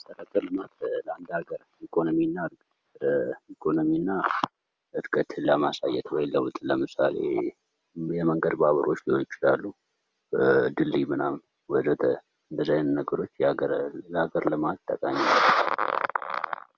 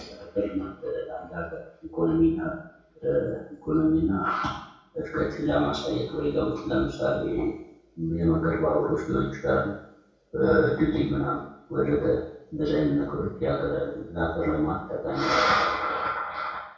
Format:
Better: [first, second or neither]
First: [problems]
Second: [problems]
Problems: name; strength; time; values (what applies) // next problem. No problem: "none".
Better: first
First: none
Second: room echo; dies away in 0.6 s